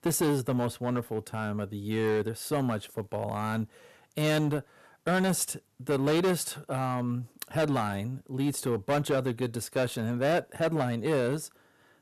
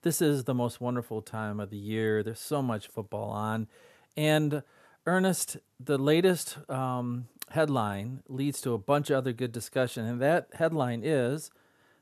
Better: second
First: distortion; slight; 9% of the sound clipped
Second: none

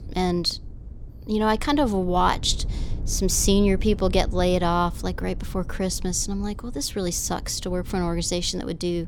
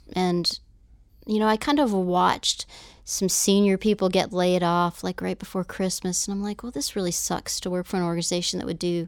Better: second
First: low rumble; faint; throughout; 25 dB below the speech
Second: none

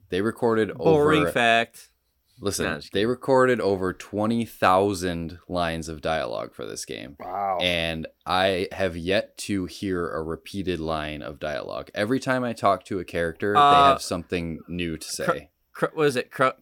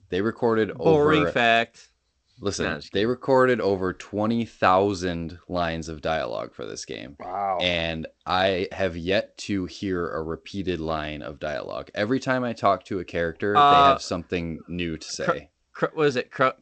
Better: first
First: none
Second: garbled, watery; slightly; nothing above 8 kHz

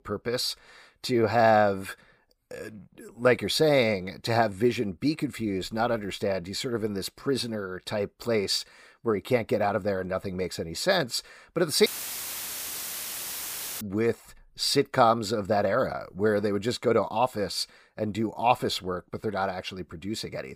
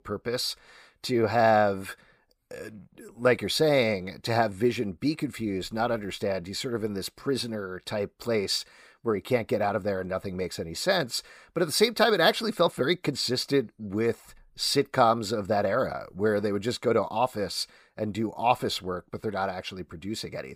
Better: second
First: audio cutting out; filled with static; at 12 s for 2 s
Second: none

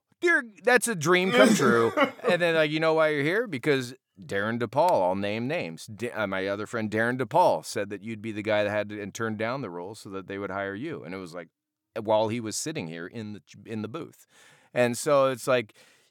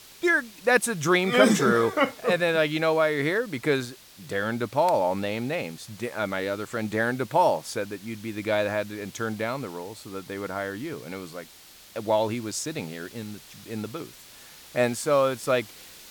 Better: first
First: none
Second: hiss; faint; throughout; 20 dB below the speech

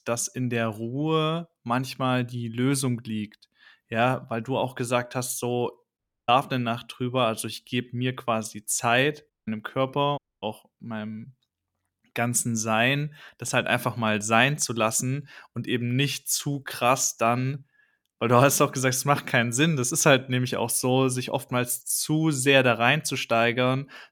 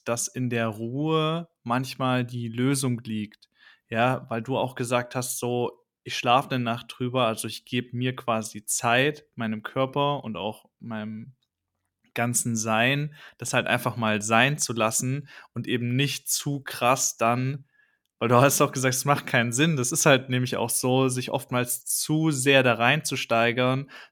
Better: second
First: audio cutting out; at 6 s, at 9.5 s and at 10 s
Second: none

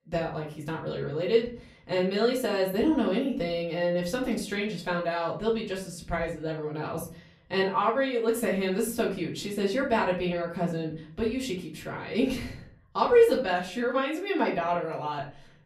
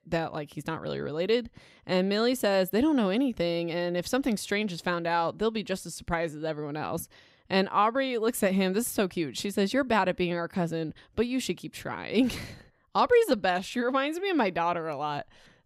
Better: second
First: room echo; slight; dies away in 0.4 s // off-mic speech; far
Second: none

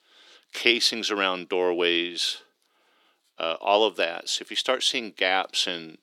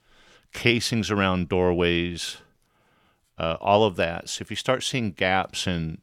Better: second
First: thin; somewhat; fading below 300 Hz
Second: none

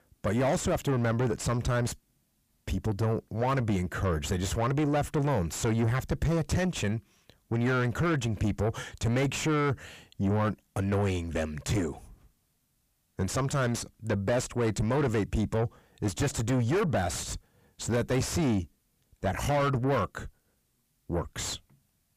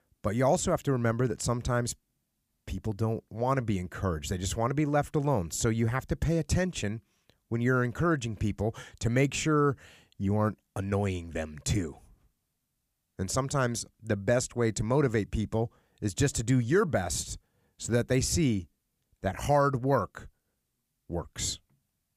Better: second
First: distortion; heavy; 7 dB below the speech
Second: none

